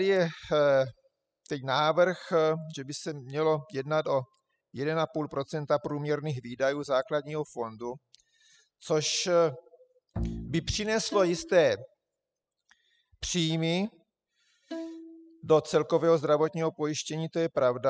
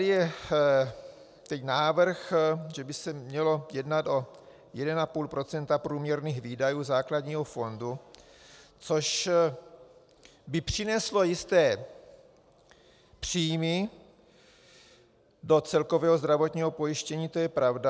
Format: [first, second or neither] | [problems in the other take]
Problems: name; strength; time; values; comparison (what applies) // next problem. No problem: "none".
second | noise reduction (classical method spectral subtraction)